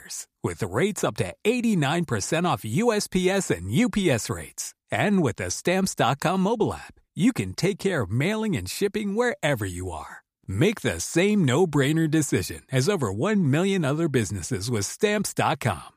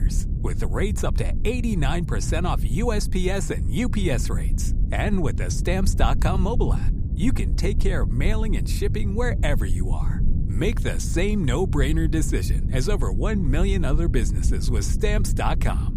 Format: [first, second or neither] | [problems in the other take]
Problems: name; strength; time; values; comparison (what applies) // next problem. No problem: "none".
first | low rumble; noticeable; throughout; 10 dB below the speech